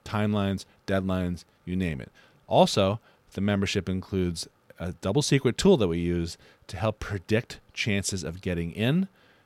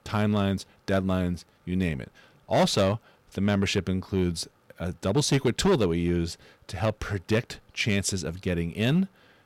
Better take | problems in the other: first | distortion; slight; 3% of the sound clipped

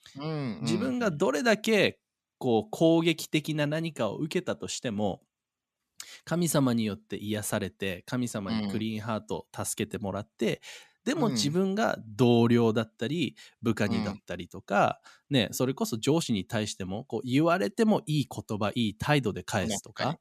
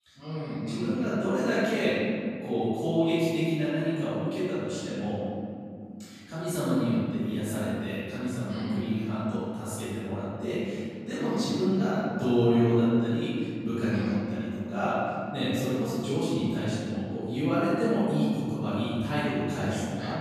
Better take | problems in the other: first | off-mic speech; far // room echo; strong; dies away in 2.7 s

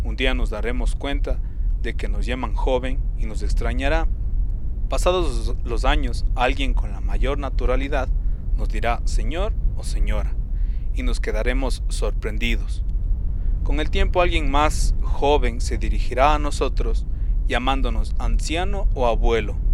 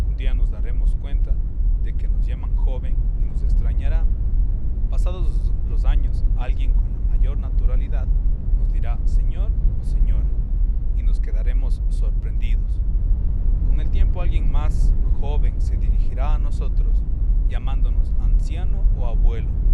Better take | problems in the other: first | low rumble; loud; throughout; 2 dB below the speech; faint in the first

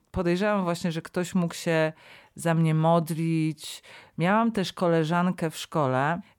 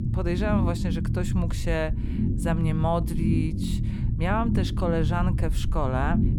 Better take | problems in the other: first | low rumble; loud; throughout; 7 dB below the speech

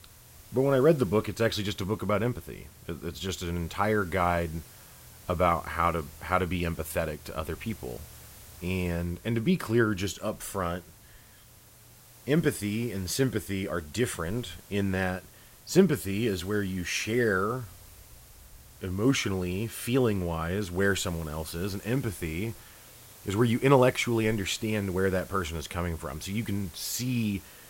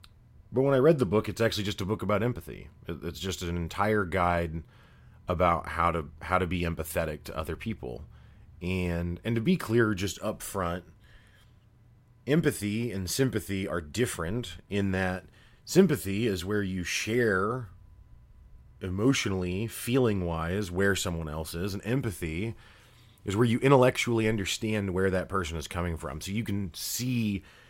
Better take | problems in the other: second | hiss; faint; throughout; 20 dB below the speech

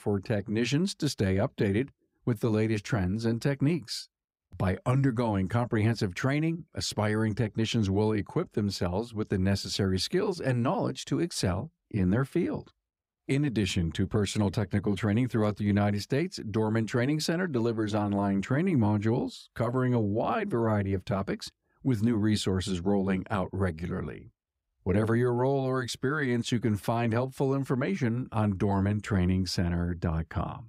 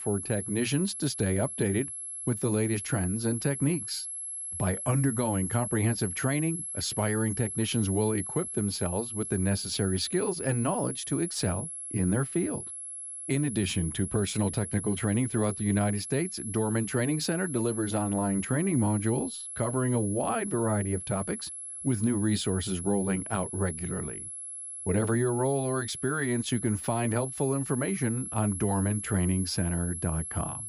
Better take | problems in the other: first | high-pitched whine; loud; throughout; 11 kHz, 6 dB below the speech

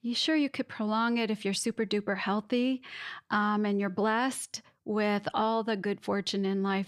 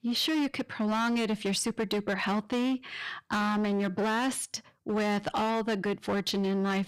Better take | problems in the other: first | distortion; slight; 21% of the sound clipped

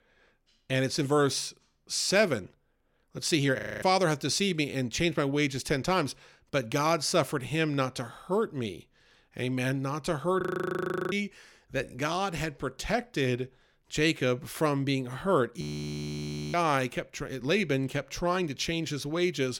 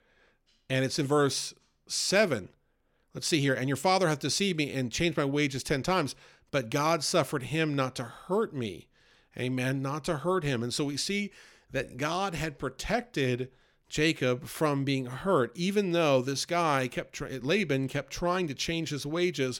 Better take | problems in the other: second | audio freezing; at 3.5 s, at 10 s for 0.5 s and at 16 s for 1 s

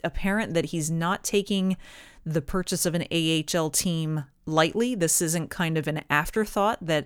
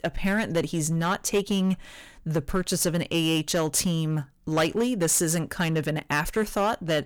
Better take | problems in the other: first | distortion; slight; 6% of the sound clipped

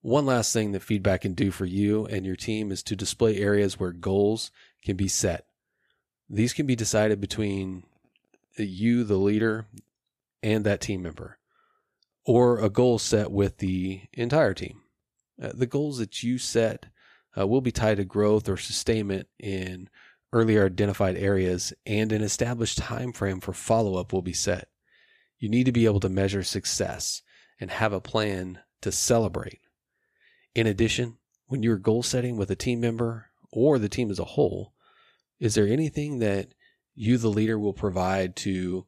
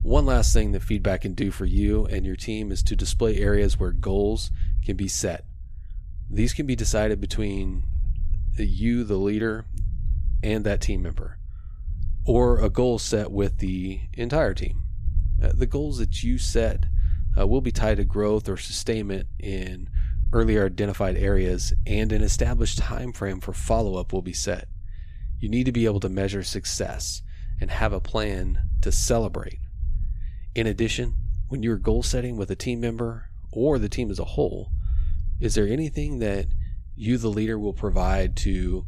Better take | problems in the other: first | low rumble; faint; throughout; 20 dB below the speech

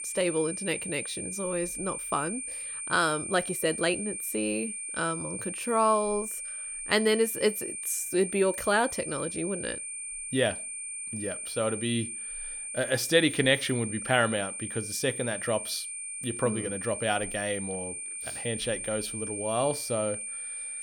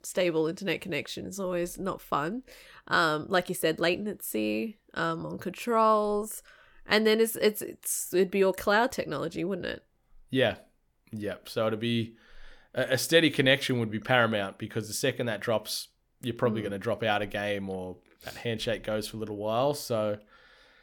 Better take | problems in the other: second | high-pitched whine; loud; throughout; 9 kHz, 5 dB below the speech

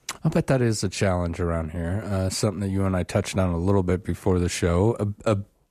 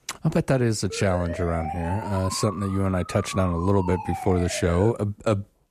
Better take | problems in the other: first | siren; noticeable; from 1 to 5 s; peak 8 dB below the speech

